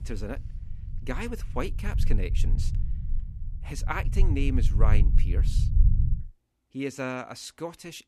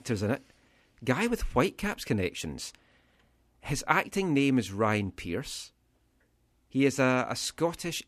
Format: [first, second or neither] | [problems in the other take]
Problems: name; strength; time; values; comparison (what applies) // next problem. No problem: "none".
second | low rumble; noticeable; until 6 s; 10 dB below the speech